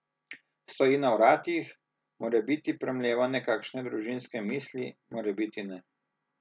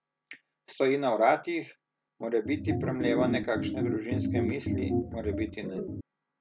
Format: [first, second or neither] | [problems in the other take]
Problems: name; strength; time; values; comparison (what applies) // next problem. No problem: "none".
first | background sound (Organ); 1 dB above the speech